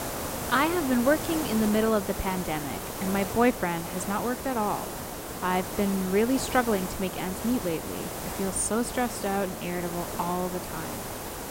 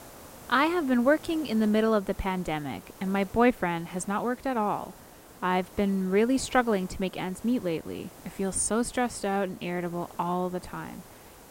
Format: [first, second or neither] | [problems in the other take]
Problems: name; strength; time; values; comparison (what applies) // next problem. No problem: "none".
second | hiss; loud; throughout; 6 dB below the speech; faint in the second